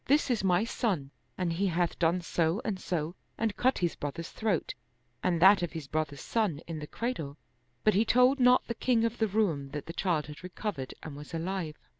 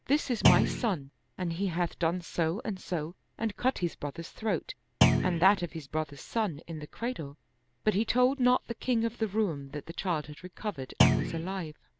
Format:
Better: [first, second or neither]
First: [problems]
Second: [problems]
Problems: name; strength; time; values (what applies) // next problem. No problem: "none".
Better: first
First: none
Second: background sound (Thump, thud); 4 dB above the speech